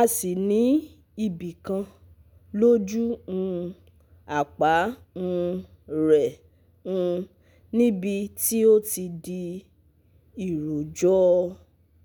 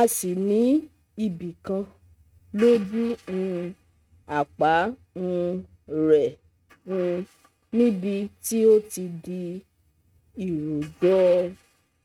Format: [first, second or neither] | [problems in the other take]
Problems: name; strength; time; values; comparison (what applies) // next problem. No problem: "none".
first | noise reduction (neural mask model RNNoise)